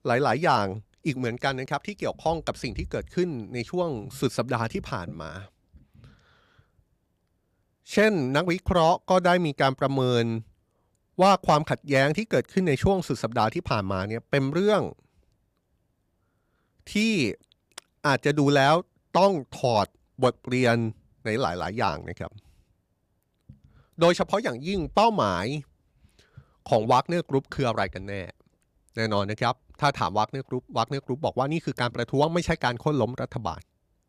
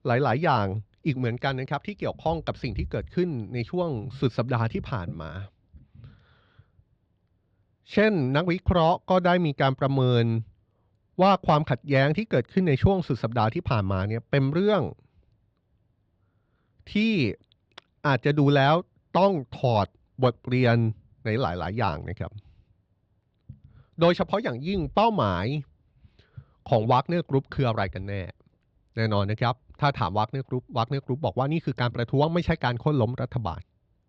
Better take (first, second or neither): first